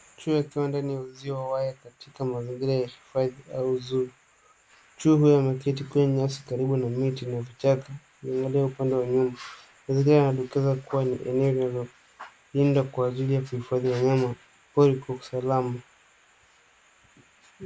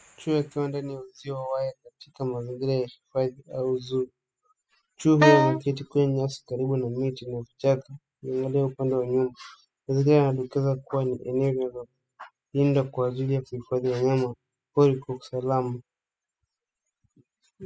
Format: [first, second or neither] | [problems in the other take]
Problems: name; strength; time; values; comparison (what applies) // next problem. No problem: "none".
first | noise reduction (classical method spectral subtraction)